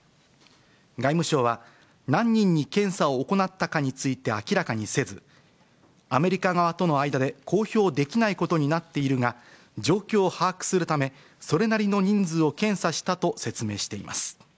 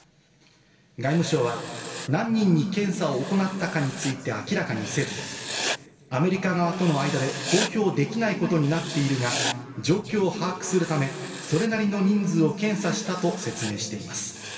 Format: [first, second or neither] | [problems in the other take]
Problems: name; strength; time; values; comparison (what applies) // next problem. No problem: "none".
first | background sound (Writing); 11 dB below the speech // room echo; dies away in 2.5 s